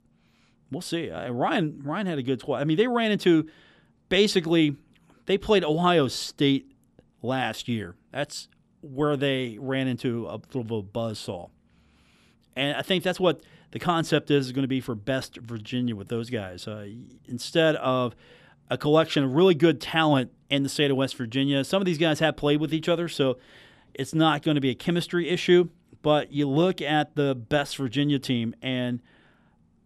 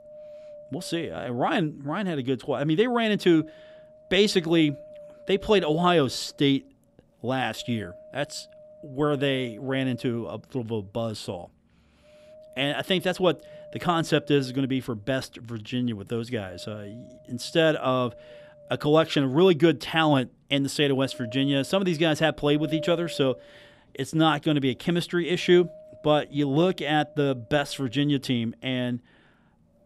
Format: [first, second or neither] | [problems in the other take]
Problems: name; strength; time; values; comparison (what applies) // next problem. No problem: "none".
first | wind noise on the microphone; occasional gusts; 20 dB below the speech